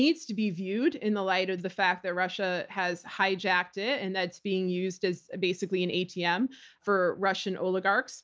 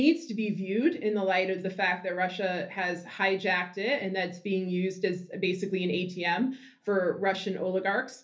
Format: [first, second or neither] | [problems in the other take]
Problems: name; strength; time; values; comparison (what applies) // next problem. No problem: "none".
first | room echo; dies away in 0.3 s